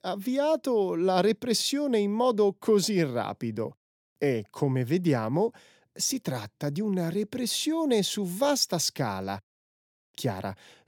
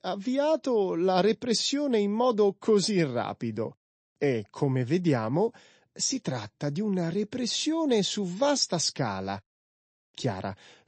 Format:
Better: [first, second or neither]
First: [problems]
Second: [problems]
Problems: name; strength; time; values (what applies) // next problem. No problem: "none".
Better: first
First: none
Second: garbled, watery; slightly; nothing above 8 kHz